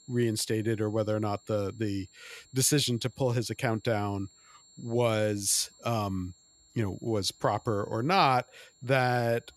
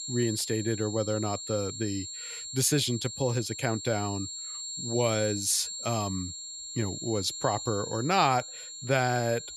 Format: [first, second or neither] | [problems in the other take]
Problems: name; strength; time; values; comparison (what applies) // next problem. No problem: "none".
first | high-pitched whine; loud; throughout; 7.5 kHz, 7 dB below the speech; faint in the first